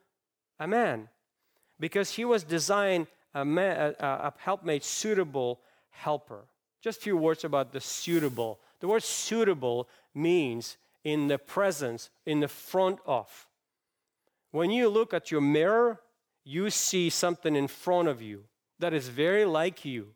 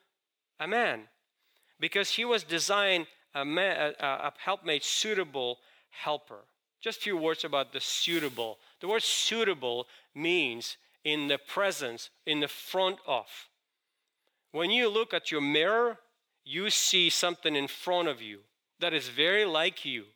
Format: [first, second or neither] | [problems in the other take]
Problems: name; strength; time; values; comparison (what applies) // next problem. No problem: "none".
first | thin; very slightly; fading below 750 Hz